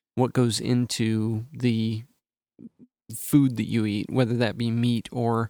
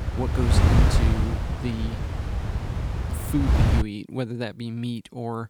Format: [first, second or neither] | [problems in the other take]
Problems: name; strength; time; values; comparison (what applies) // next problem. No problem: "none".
first | wind noise on the microphone; heavy; until 4 s; 2 dB above the speech